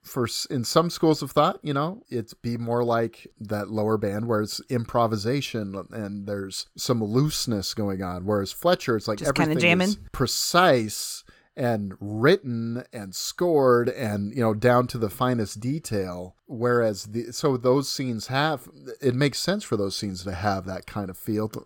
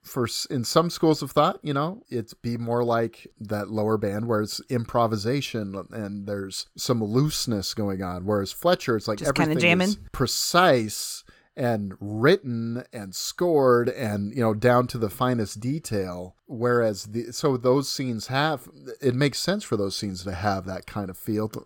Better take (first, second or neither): neither